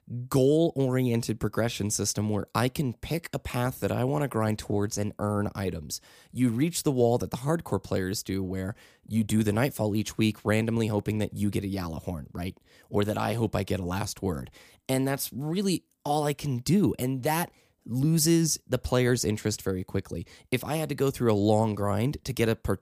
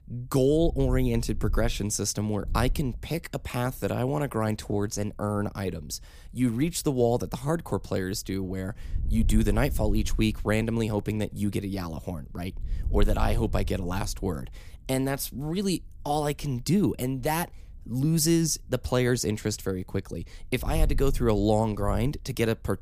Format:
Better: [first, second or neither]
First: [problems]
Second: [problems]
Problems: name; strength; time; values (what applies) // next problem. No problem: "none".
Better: first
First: none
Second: wind noise on the microphone; occasional gusts; 25 dB below the speech